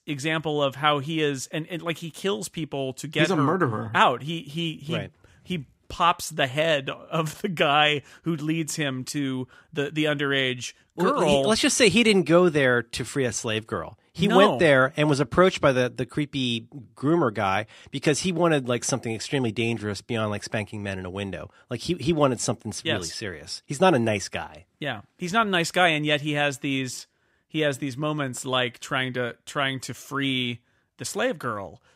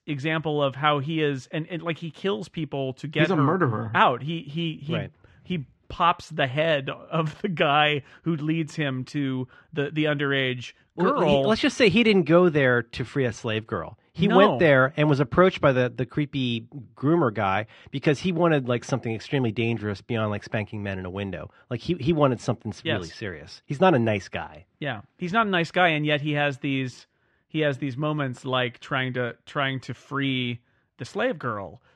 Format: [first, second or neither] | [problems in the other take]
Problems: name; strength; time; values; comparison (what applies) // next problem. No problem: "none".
first | muffled; slightly; fading above 3 kHz